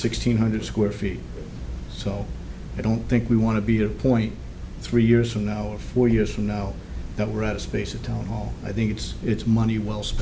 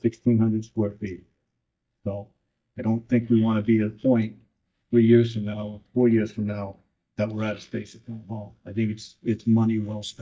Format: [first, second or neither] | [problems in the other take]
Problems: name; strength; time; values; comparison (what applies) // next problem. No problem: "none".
first | noise reduction (neural mask model DeepFilterNet 3)